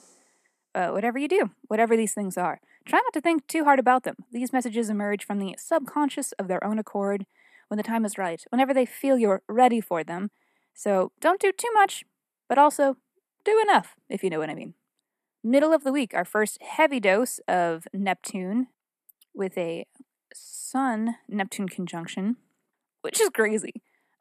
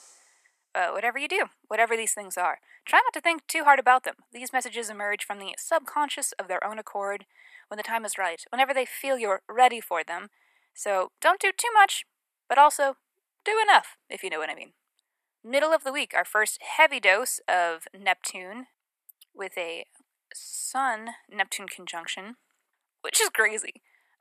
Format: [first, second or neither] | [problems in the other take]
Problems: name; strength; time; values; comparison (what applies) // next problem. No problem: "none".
first | thin; very; fading below 800 Hz